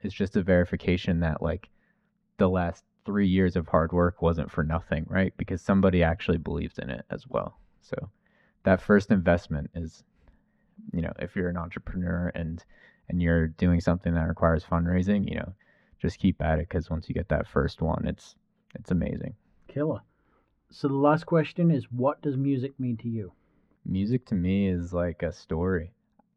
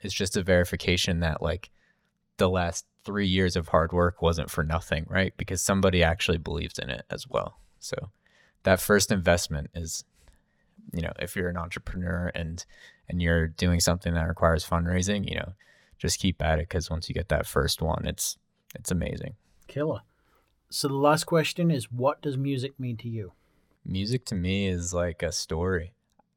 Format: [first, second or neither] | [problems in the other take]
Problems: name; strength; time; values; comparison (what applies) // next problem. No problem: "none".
second | muffled; very; fading above 2 kHz